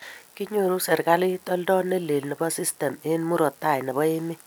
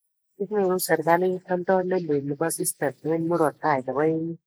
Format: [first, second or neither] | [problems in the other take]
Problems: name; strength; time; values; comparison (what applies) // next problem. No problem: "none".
first | noise reduction (neural mask model Resemble Enhance denoiser)